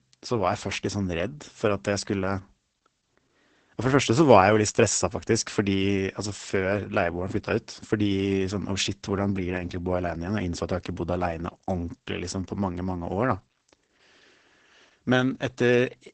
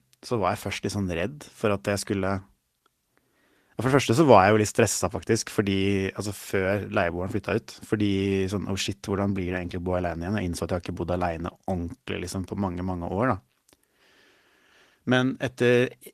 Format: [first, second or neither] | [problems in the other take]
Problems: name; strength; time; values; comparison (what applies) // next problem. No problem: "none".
second | garbled, watery; badly; nothing above 8 kHz; slightly in the second